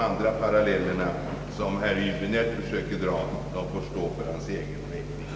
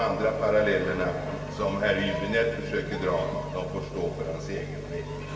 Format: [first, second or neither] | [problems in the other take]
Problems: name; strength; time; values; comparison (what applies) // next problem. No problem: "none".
first | background sound (Cheering); 20 dB below the speech // room echo; dies away in 0.1 s